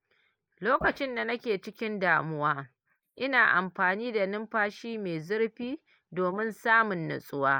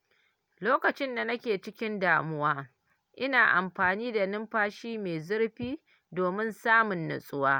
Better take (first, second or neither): second